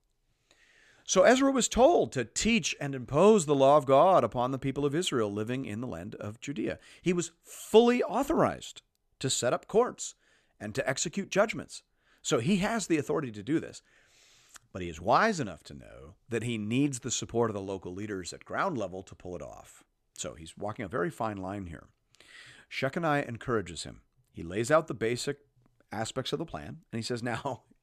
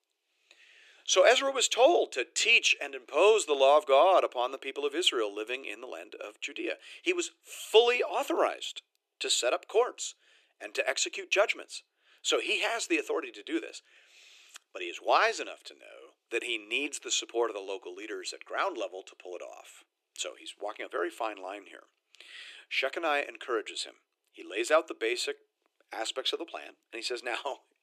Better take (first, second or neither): first